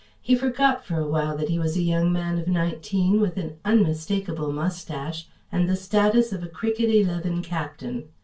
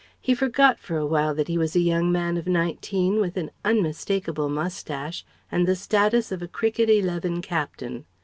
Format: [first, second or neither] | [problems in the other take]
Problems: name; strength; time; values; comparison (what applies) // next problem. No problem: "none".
second | room echo; dies away in 0.2 s